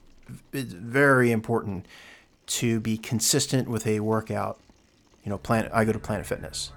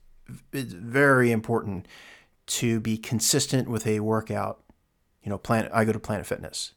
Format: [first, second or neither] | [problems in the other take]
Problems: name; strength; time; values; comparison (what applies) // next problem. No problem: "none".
second | traffic noise; faint; throughout; 30 dB below the speech